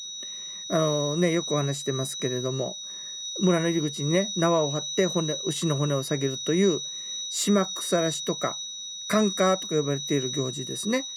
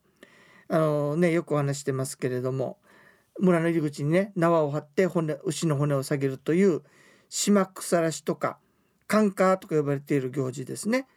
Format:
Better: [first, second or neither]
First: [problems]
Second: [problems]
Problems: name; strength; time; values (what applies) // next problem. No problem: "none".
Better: second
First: high-pitched whine; loud; throughout; 4 kHz, 5 dB below the speech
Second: none